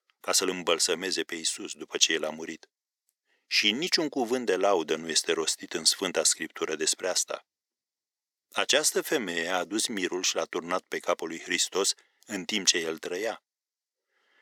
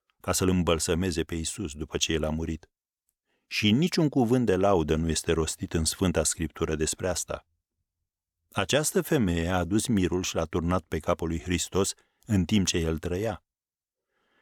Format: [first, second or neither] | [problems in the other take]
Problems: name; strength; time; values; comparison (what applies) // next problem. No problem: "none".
second | thin; somewhat; fading below 350 Hz